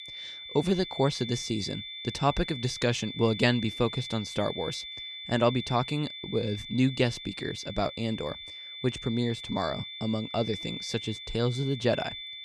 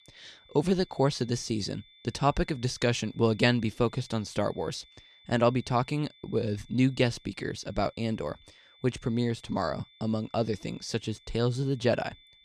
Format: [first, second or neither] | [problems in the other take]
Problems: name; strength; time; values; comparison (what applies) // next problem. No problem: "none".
second | high-pitched whine; loud; throughout; 3.5 kHz, 8 dB below the speech; faint in the second